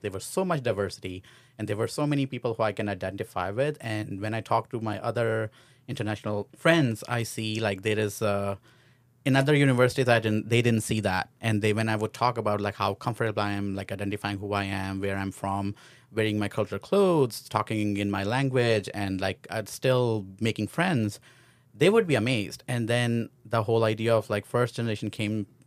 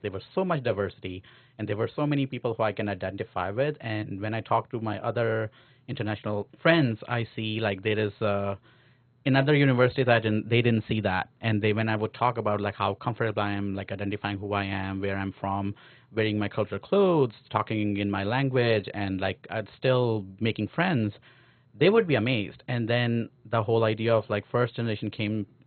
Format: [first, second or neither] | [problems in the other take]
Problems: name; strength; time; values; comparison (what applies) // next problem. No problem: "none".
first | garbled, watery; badly; nothing above 4 kHz